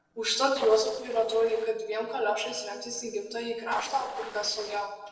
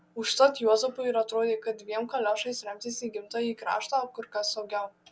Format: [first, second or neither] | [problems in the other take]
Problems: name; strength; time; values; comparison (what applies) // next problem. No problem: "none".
second | noise reduction (neural separator model SepFormer DNS4)